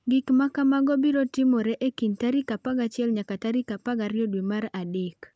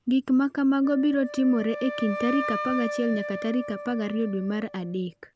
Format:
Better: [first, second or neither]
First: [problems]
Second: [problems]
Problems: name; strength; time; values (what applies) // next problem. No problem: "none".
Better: first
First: none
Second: background sound (Wind instrument, woodwind instrument); 9 dB below the speech